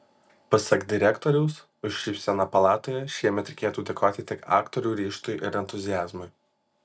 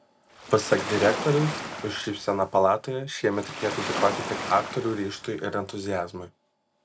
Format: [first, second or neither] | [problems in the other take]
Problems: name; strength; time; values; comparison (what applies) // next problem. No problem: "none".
first | background sound (Waves, surf); 8 dB below the speech